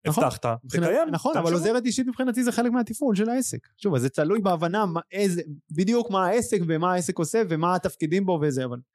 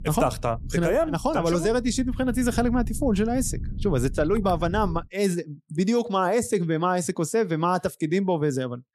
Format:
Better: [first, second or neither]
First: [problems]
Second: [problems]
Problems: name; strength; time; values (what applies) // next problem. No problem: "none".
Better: first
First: none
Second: low rumble; faint; until 5 s; 25 dB below the speech